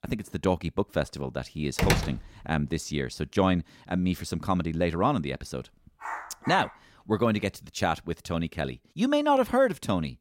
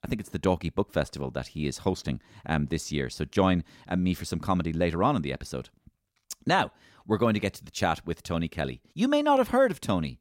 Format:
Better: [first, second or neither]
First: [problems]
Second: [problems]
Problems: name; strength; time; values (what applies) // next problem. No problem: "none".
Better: second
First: door banging; loud; at 2 s; peak 3 dB above the speech // dog barking; noticeable; at 6 s; peak 9 dB below the speech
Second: none